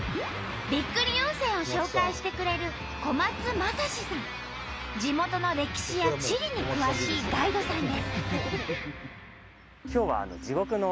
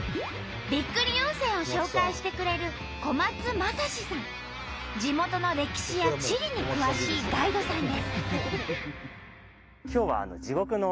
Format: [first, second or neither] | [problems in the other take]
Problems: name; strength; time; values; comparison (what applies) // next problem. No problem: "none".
second | background sound (Car passing by / Traffic noise, roadway noise); 16 dB below the speech